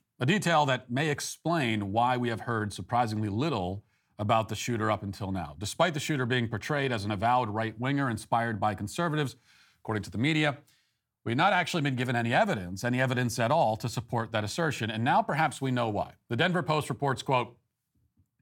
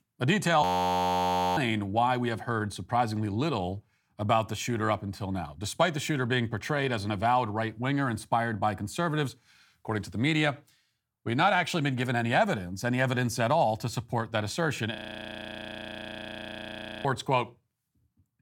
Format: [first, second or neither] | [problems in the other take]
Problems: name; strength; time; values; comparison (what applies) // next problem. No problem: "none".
first | audio freezing; at 0.5 s for 1 s and at 15 s for 2 s